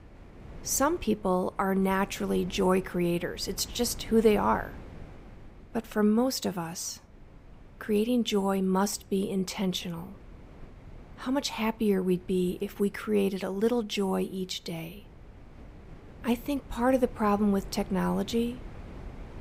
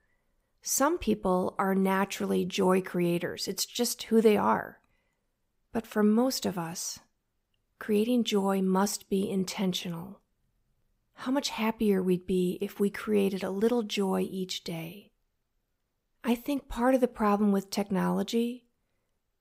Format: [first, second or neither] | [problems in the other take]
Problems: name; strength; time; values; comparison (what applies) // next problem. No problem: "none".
second | wind noise on the microphone; occasional gusts; 25 dB below the speech